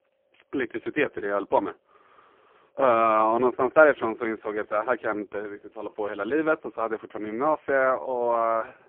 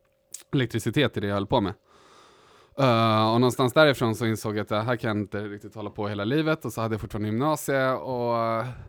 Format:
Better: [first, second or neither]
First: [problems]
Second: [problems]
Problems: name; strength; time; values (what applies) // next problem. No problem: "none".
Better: second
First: phone-call audio; poor line; nothing above 3.5 kHz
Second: none